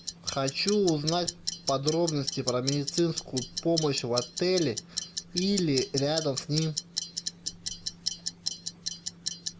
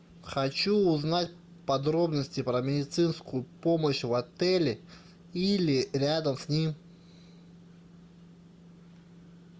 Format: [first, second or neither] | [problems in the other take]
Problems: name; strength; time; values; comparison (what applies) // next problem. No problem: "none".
second | background sound (Clock); 6 dB below the speech